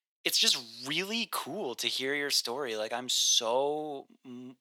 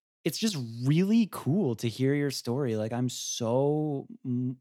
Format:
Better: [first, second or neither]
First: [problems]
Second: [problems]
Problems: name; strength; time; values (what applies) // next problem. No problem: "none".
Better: second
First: thin; very; fading below 750 Hz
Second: none